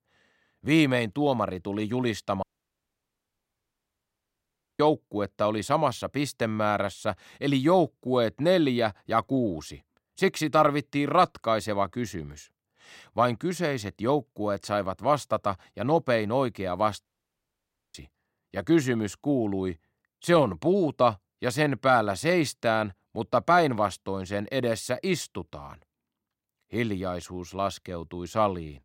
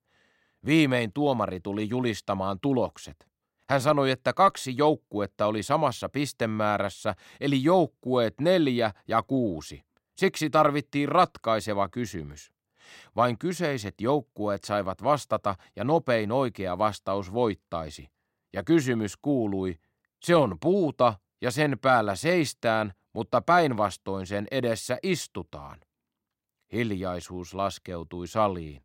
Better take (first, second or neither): second